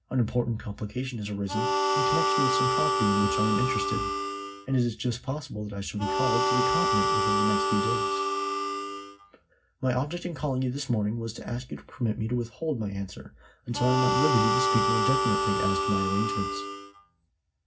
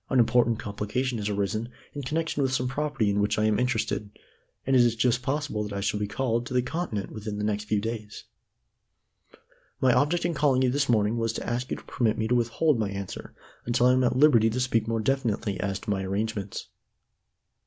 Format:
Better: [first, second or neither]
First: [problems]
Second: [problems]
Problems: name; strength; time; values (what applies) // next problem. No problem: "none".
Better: second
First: background sound (Harmonica); 3 dB above the speech // room echo; dies away in 0.4 s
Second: none